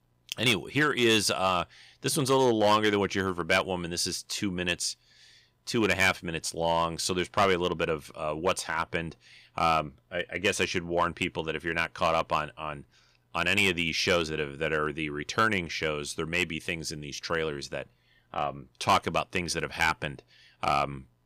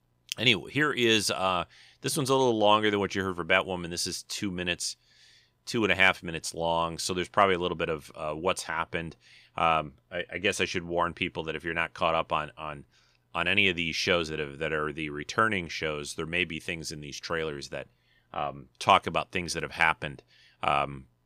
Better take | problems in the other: second | distortion; slight; 1.7% of the sound clipped

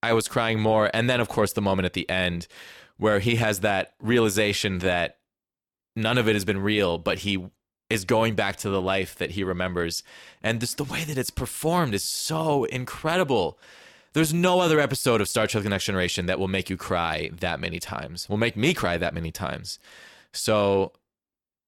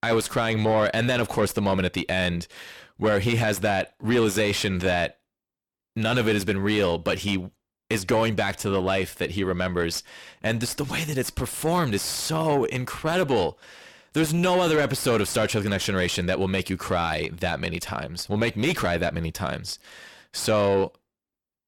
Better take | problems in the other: first | distortion; slight; 10 dB below the speech

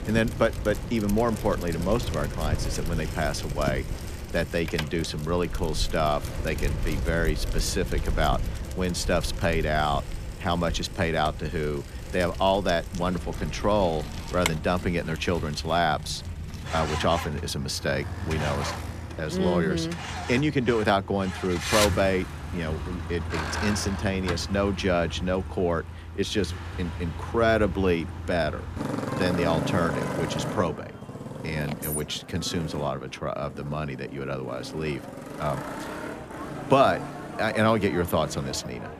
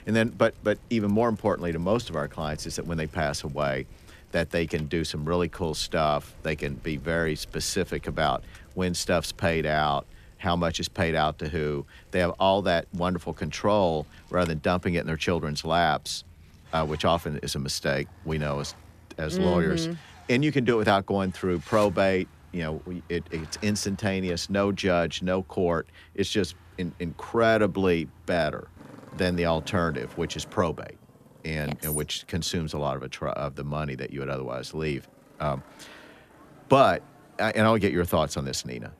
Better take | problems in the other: second | traffic noise; loud; throughout; 7 dB below the speech; faint in the second

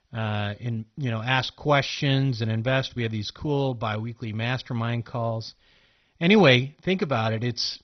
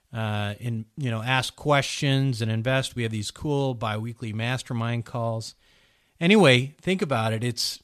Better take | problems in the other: second | garbled, watery; badly; nothing above 6 kHz

